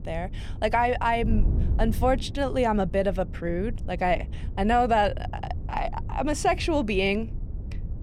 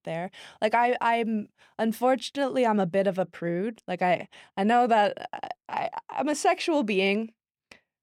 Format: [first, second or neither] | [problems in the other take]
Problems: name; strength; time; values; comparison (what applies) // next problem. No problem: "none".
second | wind noise on the microphone; occasional gusts; 20 dB below the speech